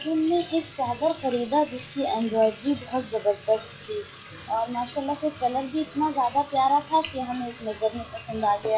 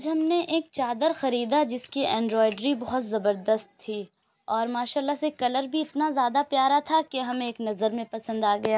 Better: second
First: noise reduction (classical method log-MMSE)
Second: none

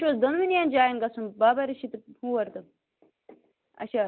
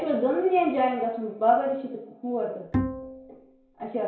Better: first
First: none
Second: background sound (Bowed string instrument); 6 dB below the speech // room echo; dies away in 0.6 s

